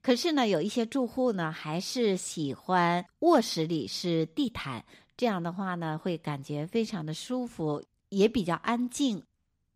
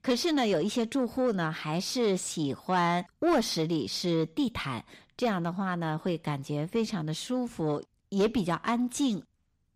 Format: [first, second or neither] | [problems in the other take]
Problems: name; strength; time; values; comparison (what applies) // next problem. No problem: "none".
first | distortion; slight; 10 dB below the speech